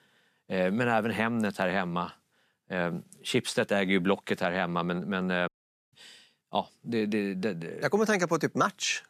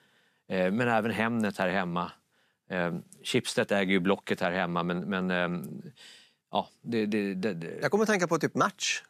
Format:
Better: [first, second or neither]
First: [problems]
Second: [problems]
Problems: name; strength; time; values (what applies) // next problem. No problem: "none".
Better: second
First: audio cutting out; at 5.5 s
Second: none